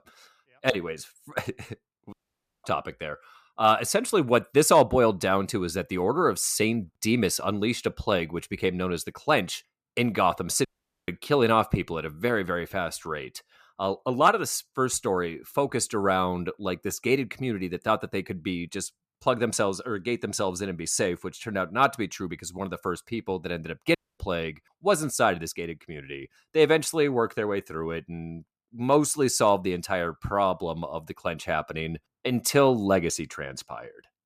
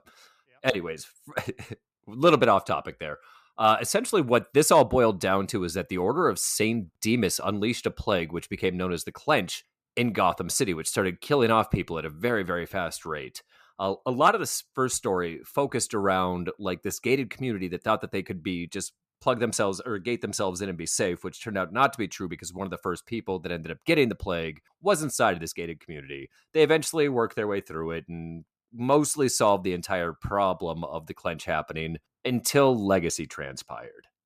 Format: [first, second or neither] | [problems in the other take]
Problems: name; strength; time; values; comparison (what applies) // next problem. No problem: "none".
second | audio cutting out; at 2 s for 0.5 s, at 11 s and at 24 s